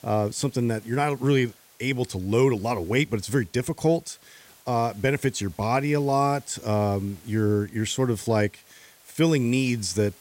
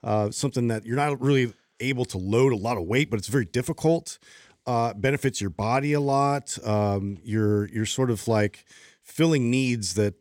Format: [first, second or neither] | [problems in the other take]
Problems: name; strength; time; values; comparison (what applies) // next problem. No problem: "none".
second | hiss; faint; throughout; 25 dB below the speech